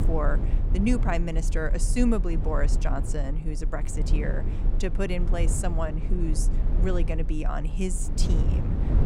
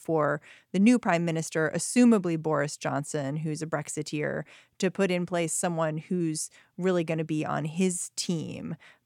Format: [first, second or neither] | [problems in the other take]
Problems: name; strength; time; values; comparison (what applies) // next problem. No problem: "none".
second | low rumble; loud; throughout; 9 dB below the speech